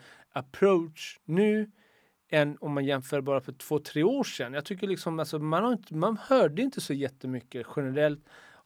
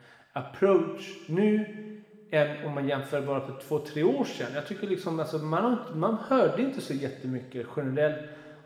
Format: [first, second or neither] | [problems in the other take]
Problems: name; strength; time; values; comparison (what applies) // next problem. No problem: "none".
first | room echo; noticeable; dies away in 1.5 s // off-mic speech; somewhat distant